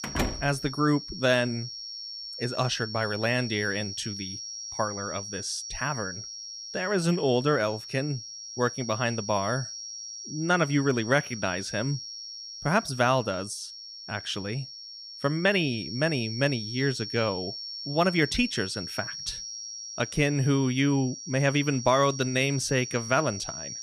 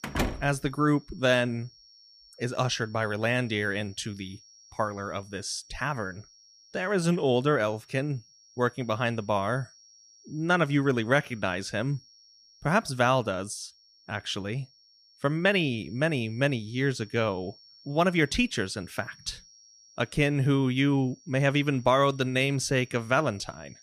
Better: second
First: high-pitched whine; loud; throughout; 5.5 kHz, 9 dB below the speech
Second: high-pitched whine; faint; throughout; 5.5 kHz, 25 dB below the speech

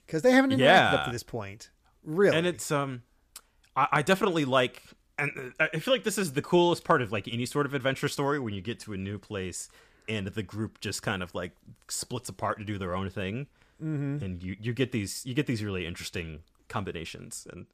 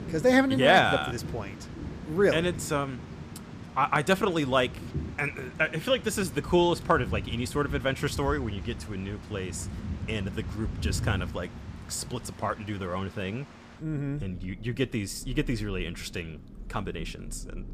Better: first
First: none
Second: rain or running water; noticeable; throughout; 10 dB below the speech

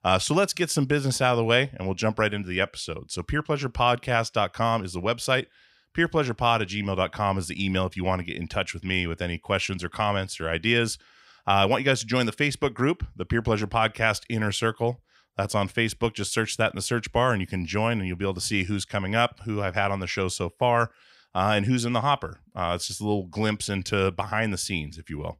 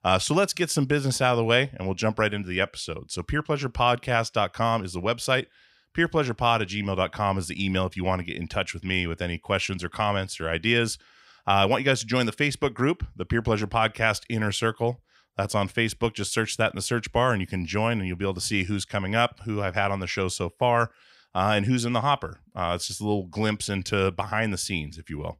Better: neither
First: none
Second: none

